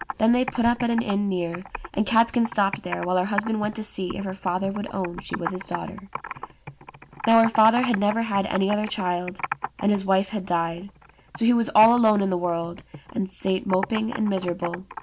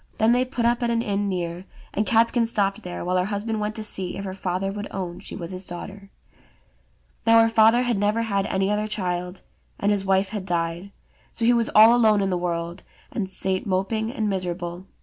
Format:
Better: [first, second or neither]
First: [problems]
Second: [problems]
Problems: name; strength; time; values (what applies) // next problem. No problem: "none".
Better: second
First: background sound (Computer keyboard); 13 dB below the speech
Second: none